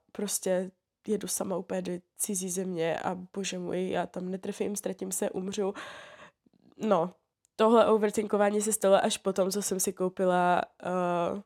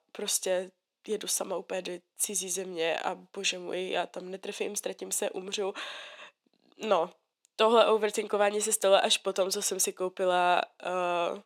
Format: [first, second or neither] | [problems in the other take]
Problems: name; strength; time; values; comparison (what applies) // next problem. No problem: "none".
first | thin; somewhat; fading below 350 Hz